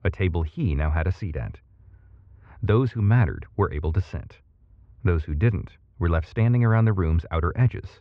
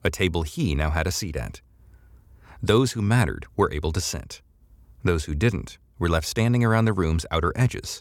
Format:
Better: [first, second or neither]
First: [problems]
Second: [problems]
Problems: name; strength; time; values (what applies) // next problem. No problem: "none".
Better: second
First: muffled; very; fading above 2.5 kHz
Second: none